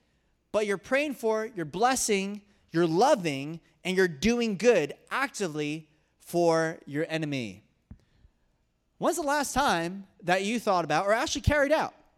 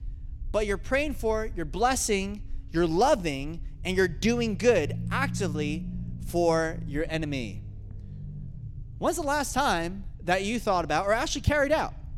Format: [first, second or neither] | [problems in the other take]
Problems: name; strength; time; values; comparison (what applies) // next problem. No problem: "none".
first | low rumble; faint; throughout; 25 dB below the speech